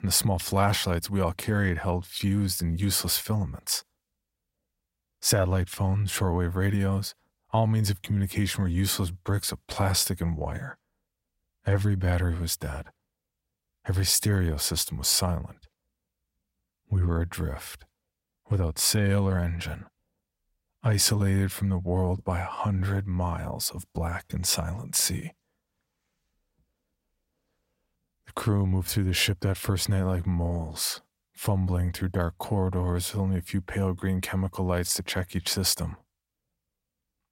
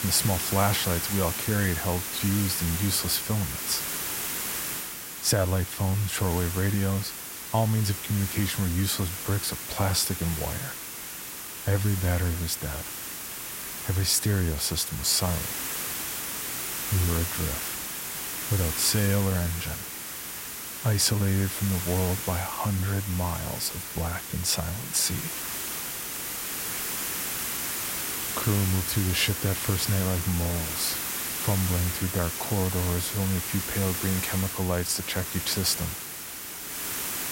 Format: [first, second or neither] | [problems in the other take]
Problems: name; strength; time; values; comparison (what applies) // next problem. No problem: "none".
first | hiss; loud; throughout; 3 dB below the speech